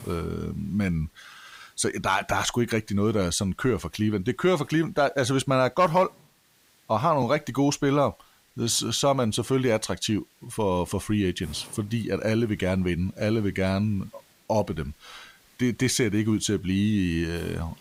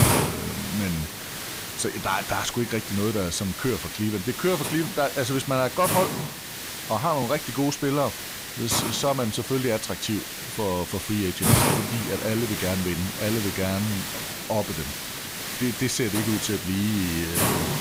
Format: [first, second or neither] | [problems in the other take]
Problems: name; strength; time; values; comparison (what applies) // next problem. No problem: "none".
first | hiss; loud; throughout; 2 dB below the speech; faint in the first